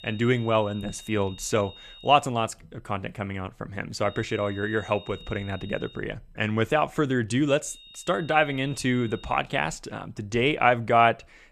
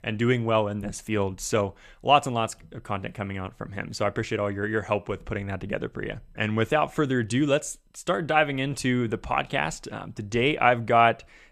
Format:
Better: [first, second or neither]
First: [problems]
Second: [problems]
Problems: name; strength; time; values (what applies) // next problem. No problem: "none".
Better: second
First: high-pitched whine; noticeable; until 2 s, from 4 to 6 s and from 7.5 to 9.5 s; 3.5 kHz, 20 dB below the speech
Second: none